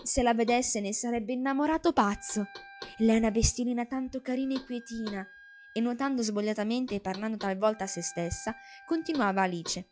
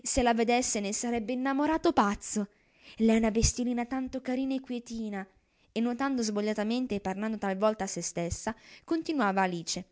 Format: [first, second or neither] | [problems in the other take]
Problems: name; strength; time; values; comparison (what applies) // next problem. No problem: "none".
second | noise reduction (classical method log-MMSE)